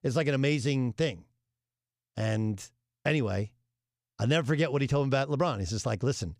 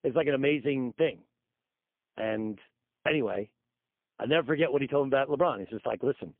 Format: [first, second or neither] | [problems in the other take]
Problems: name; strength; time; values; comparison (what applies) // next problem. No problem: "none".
first | phone-call audio; poor line; nothing above 3 kHz